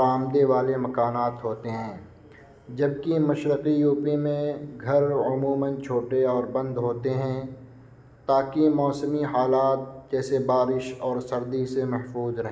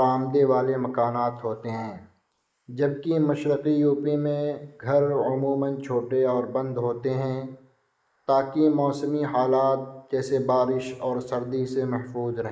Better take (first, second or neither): first